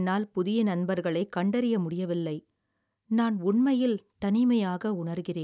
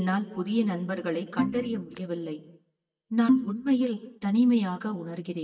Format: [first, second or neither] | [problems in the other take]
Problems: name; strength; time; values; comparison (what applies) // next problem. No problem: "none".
first | noise reduction (neural mask model DeepFilterNet 3)